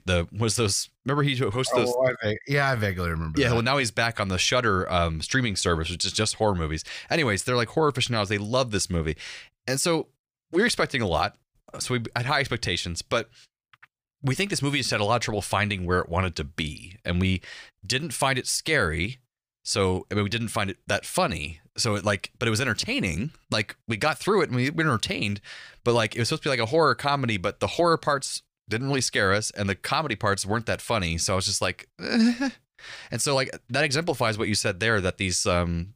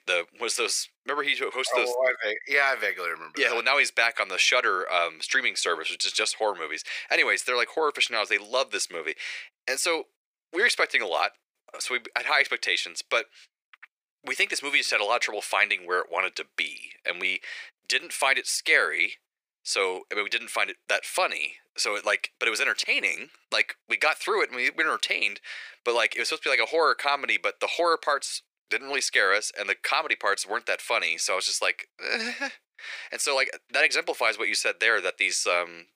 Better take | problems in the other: first | thin; very; fading below 400 Hz

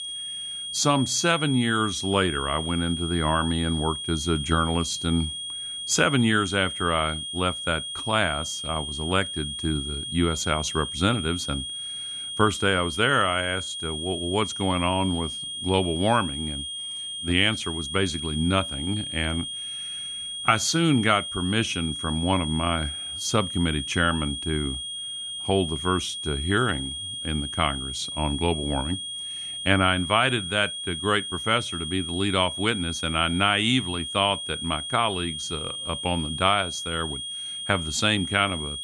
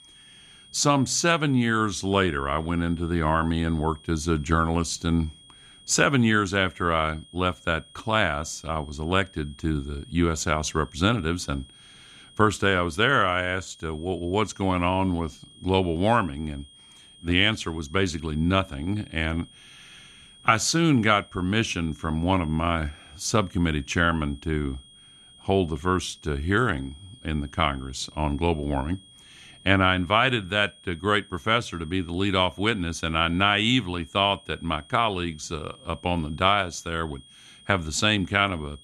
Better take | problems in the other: second | high-pitched whine; loud; throughout; 3.5 kHz, 5 dB below the speech; faint in the second

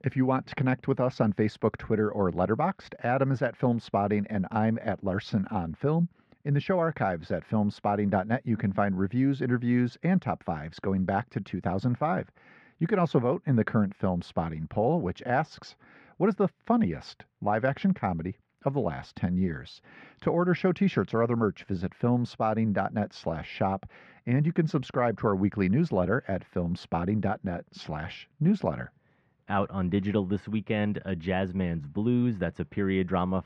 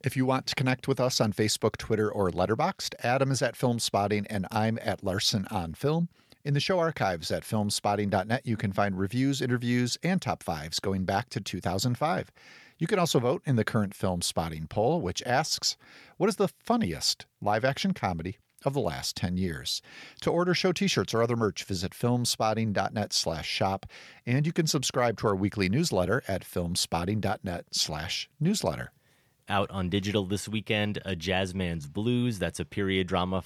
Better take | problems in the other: second | muffled; very; fading above 1.5 kHz

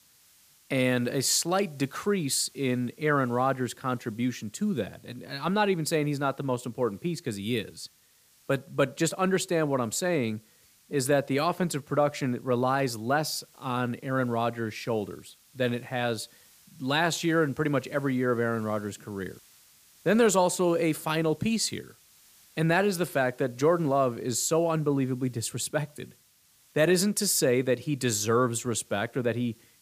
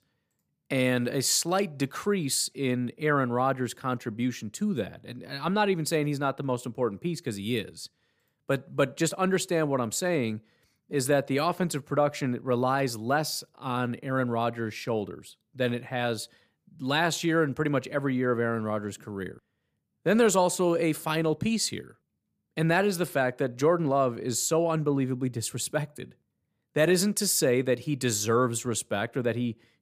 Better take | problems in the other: second | hiss; faint; throughout; 30 dB below the speech

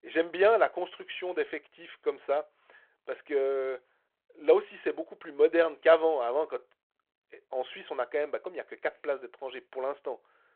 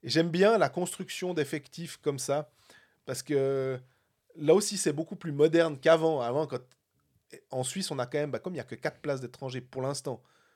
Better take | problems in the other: second | phone-call audio

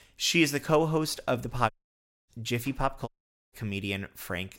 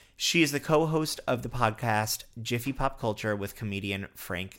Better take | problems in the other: second | audio cutting out; at 1.5 s for 0.5 s and at 3 s

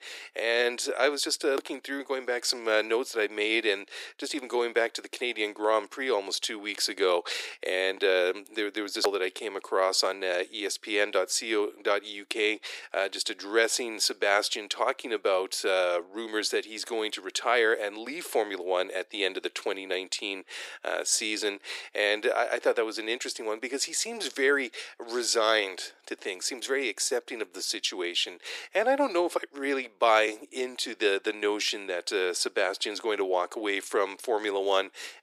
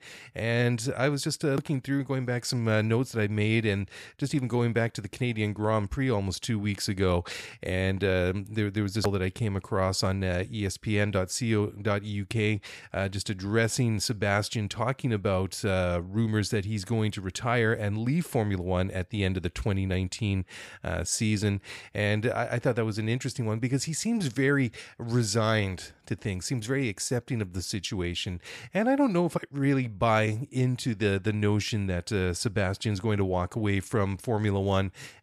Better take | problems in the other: second | thin; very; fading below 350 Hz

